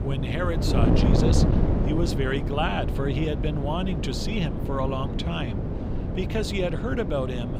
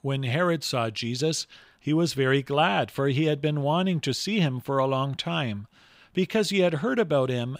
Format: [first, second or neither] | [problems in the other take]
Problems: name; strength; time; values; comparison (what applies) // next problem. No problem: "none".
second | wind noise on the microphone; heavy; 3 dB below the speech